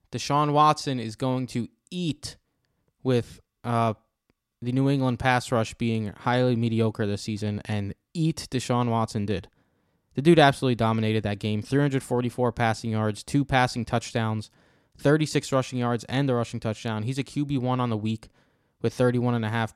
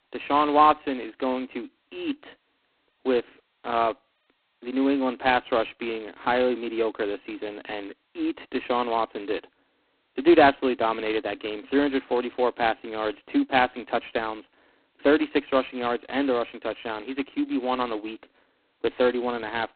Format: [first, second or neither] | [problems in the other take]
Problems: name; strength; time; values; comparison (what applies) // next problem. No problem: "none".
first | phone-call audio; poor line; nothing above 4 kHz